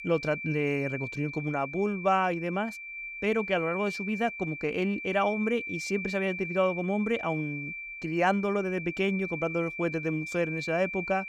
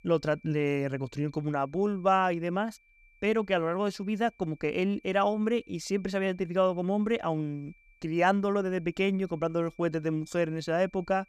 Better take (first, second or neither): second